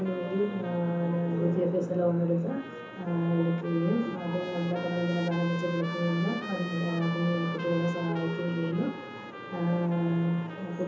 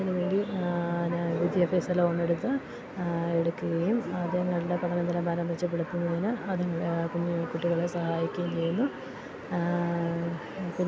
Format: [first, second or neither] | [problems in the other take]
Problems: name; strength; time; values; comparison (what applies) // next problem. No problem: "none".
second | background sound (Trumpet); 13 dB below the speech // room echo; dies away in 0.8 s